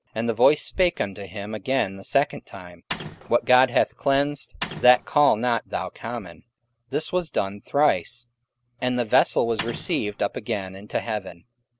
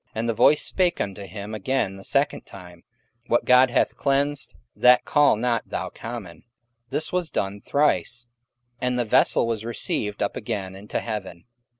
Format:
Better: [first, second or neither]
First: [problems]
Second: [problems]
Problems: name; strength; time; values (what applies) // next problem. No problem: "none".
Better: second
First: background sound (Mechanisms); 11 dB below the speech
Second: none